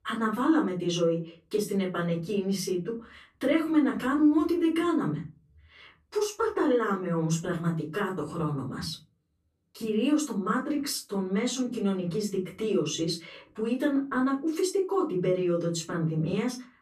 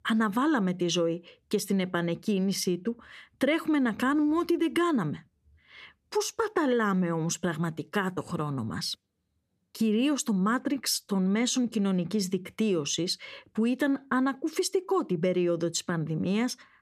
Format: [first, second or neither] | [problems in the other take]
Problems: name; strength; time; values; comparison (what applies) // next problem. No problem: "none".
second | off-mic speech; far // room echo; slight; dies away in 0.3 s